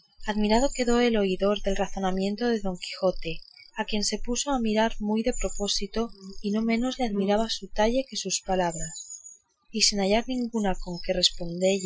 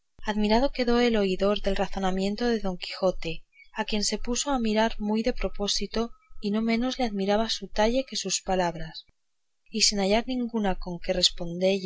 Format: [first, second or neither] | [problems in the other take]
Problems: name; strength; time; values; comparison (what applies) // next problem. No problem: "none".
second | noise reduction (classical method Wiener filter)